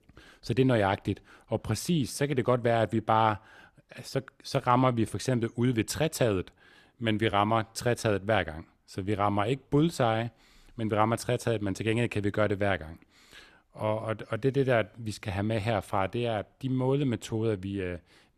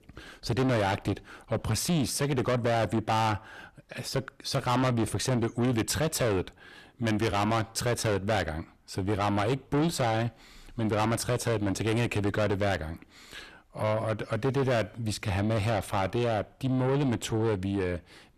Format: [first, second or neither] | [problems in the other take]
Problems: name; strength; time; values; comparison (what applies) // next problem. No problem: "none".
first | distortion; heavy; 6 dB below the speech